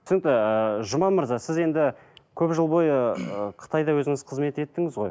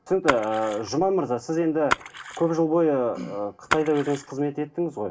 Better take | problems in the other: first | background sound (Splash, splatter); 9 dB below the speech // room echo; dies away in 0.2 s

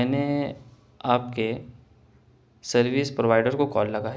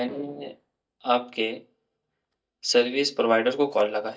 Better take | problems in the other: first | noise reduction (neural mask model DeepFilterNet 3)

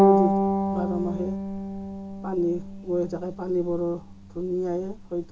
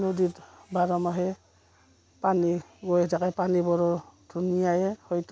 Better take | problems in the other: second | background sound (Bowed string instrument); 3 dB above the speech // room echo; dies away in 0.2 s

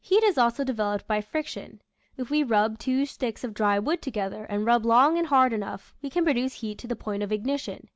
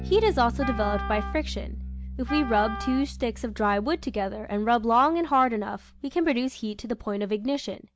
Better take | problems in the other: first | background sound (Wind instrument, woodwind instrument + Bass guitar); 10 dB below the speech

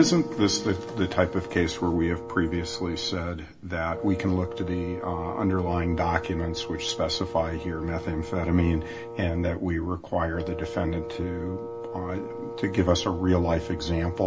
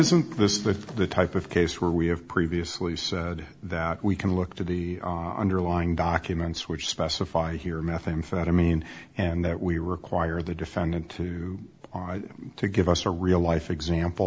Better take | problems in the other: second | background sound (Wind instrument, woodwind instrument); 10 dB below the speech // room echo; dies away in 0.1 s

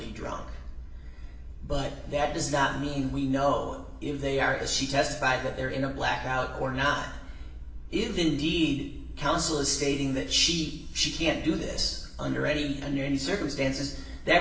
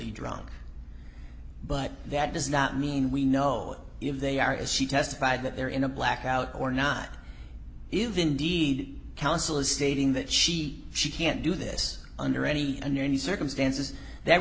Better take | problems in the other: second | room echo; dies away in 0.9 s

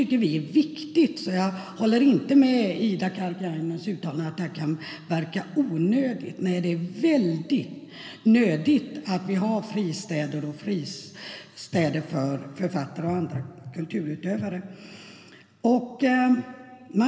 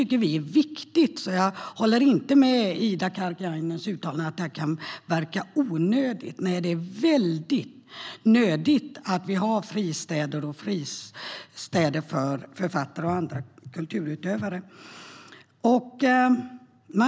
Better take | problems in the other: second | room echo; dies away in 2.1 s

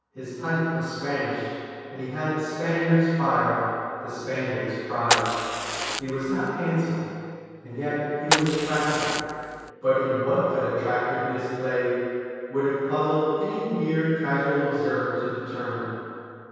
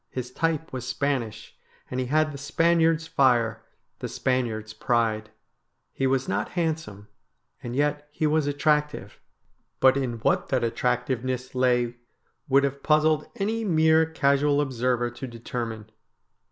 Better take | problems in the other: second | background sound (Fire); 2 dB below the speech // room echo; dies away in 2.2 s

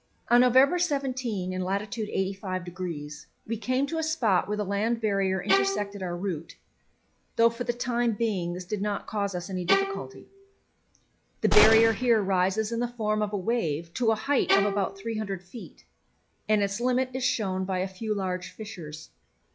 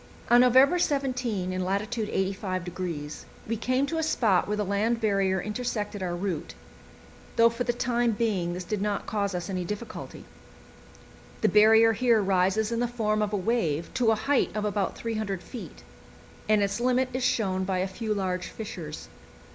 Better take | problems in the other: second | noise reduction (classical method log-MMSE)

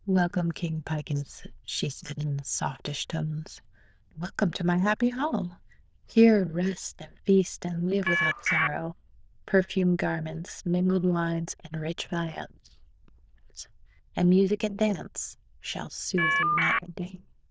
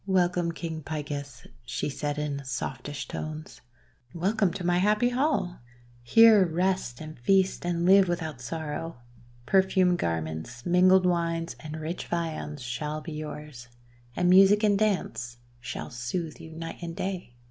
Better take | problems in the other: second | noise reduction (neural diffusion model UNIVERSE++)

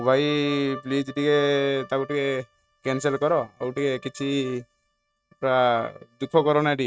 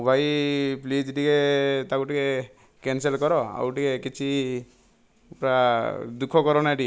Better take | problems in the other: second | noise reduction (neural mask model RNNoise)

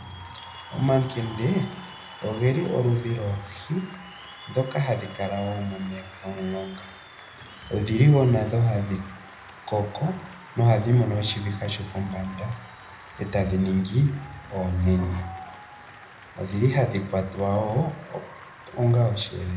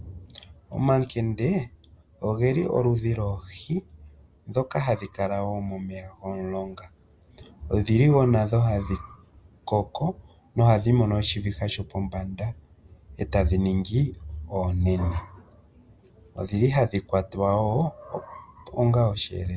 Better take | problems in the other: second | background sound (Applause / Cheering); 19 dB below the speech // room echo; dies away in 0.7 s

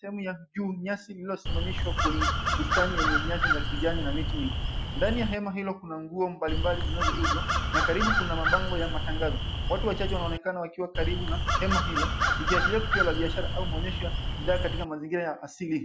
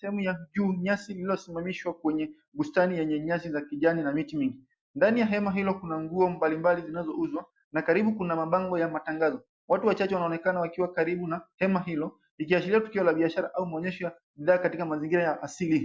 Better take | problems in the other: second | background sound (Crow); 5 dB above the speech

